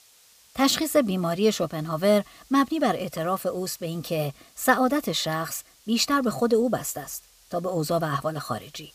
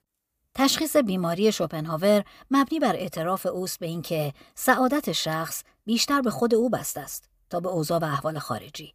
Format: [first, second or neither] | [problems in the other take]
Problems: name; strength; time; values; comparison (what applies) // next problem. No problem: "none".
second | hiss; faint; throughout; 30 dB below the speech